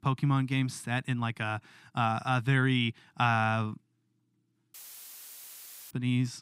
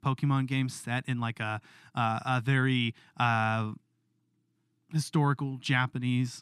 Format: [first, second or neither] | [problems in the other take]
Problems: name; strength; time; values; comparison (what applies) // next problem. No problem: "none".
second | audio cutting out; filled with static; at 4.5 s for 1 s